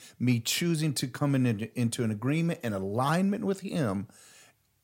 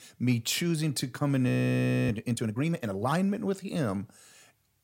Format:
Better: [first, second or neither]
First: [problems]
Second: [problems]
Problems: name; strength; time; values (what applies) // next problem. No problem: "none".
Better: first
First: none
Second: audio freezing; at 1.5 s for 0.5 s